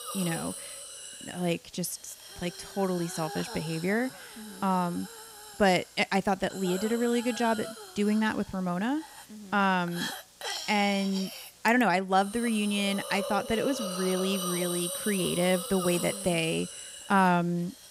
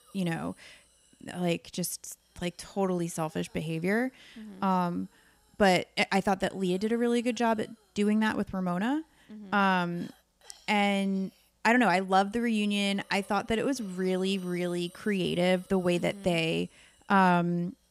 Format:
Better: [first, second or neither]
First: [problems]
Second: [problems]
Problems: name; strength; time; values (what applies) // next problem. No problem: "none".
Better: second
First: hiss; loud; throughout; 9 dB below the speech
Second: hiss; faint; throughout; 30 dB below the speech